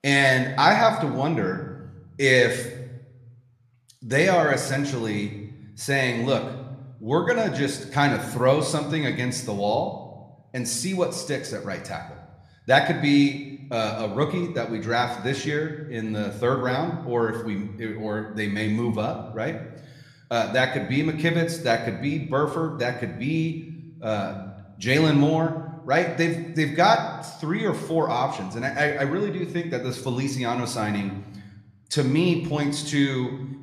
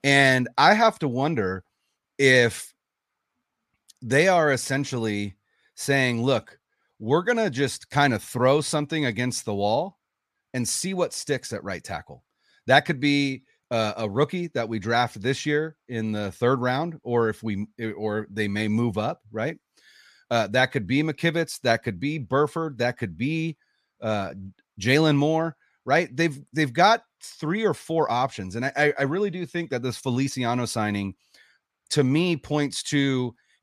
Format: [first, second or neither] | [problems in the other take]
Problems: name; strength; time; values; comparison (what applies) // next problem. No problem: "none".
second | room echo; slight; dies away in 0.8 s